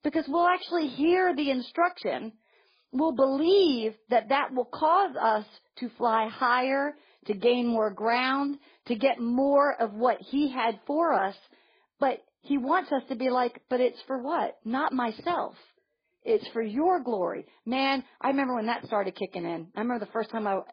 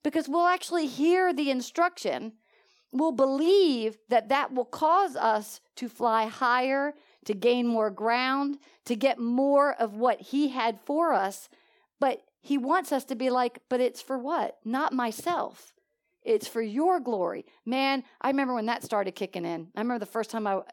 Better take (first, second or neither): second